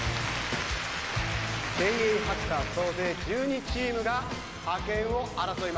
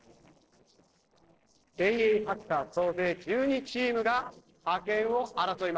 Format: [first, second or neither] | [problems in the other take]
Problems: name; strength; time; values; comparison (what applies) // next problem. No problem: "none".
first | noise reduction (neural separator model SepFormer DNS4)